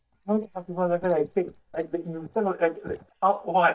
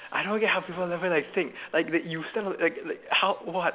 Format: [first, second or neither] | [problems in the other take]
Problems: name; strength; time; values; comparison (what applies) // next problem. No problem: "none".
second | noise reduction (neural mask model DeepFilterNet 3)